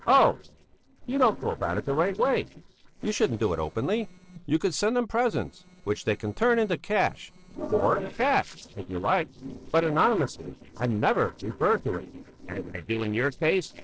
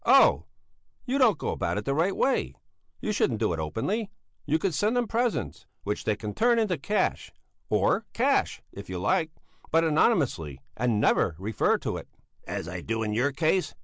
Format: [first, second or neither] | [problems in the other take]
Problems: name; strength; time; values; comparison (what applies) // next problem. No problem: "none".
second | noise reduction (neural separator model SepFormer DNS4)